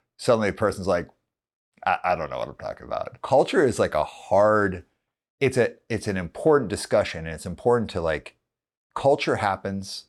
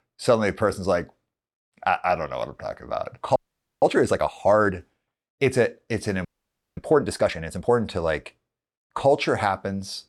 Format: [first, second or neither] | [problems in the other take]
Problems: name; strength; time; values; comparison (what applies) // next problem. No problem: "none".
first | audio freezing; at 3.5 s and at 6.5 s for 0.5 s